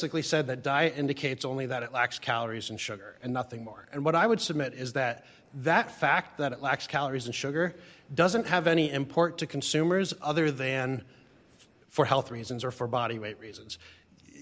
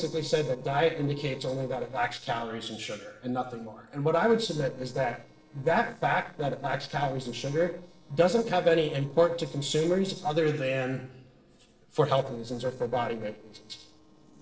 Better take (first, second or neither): first